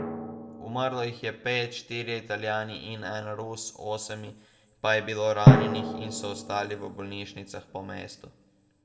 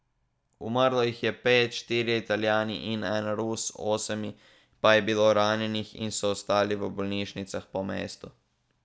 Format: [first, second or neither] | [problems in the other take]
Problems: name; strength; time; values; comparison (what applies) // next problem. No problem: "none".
second | background sound (Drum); 4 dB above the speech // room echo; dies away in 0.5 s